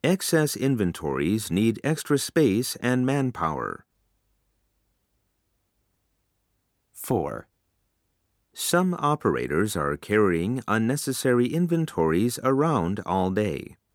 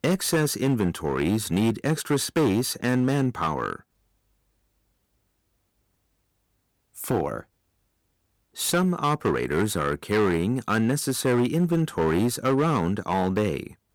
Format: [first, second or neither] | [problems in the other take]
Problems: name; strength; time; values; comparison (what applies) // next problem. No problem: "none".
first | distortion; slight; 9% of the sound clipped